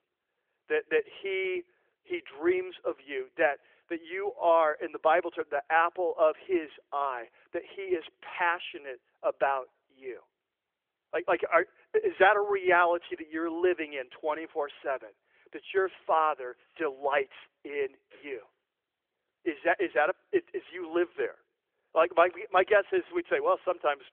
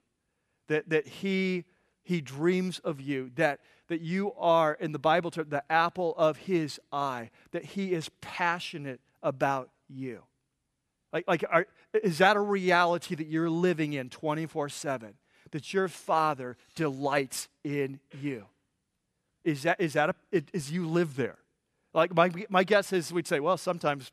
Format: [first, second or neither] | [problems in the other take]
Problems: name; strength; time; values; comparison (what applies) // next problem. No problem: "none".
second | phone-call audio; nothing above 3.5 kHz